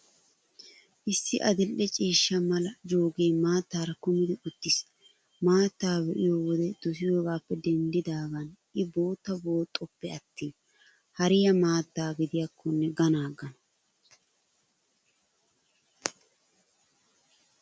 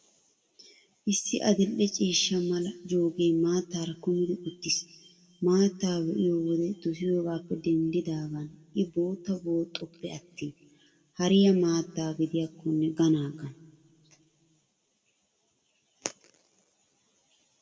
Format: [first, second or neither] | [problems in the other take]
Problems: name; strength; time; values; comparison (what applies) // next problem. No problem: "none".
first | room echo; dies away in 1 s